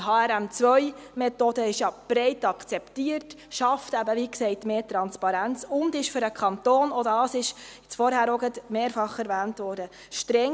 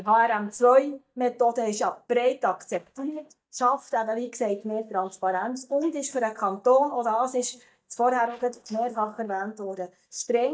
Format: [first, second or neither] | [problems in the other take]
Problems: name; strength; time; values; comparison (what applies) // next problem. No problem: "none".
first | noise reduction (neural mask model DeepFilterNet 3)